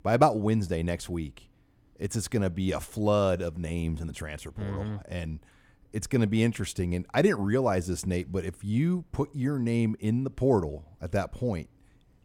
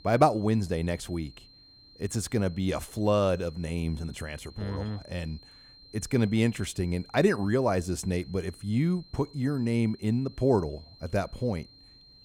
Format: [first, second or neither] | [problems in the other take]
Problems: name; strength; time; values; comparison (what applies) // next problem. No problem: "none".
first | high-pitched whine; faint; throughout; 4 kHz, 25 dB below the speech